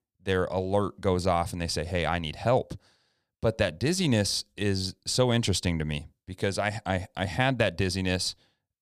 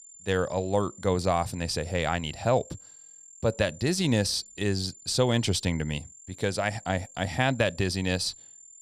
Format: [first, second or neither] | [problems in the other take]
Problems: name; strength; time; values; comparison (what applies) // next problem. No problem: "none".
first | high-pitched whine; noticeable; throughout; 7 kHz, 20 dB below the speech